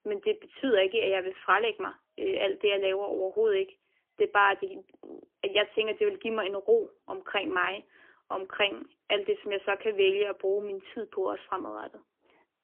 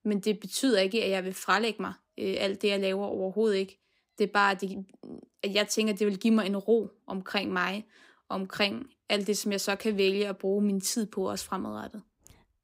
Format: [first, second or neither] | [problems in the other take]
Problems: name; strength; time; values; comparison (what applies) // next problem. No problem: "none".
second | phone-call audio; poor line; nothing above 3 kHz